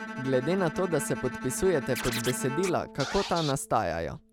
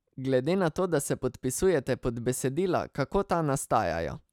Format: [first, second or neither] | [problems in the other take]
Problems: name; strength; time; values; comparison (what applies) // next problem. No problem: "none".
second | background sound (Bowed string instrument + Scratching (performance technique)); 8 dB below the speech